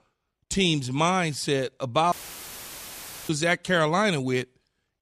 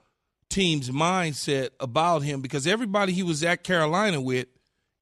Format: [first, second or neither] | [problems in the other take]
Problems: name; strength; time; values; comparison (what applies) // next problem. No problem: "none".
second | audio cutting out; filled with static; at 2 s for 1 s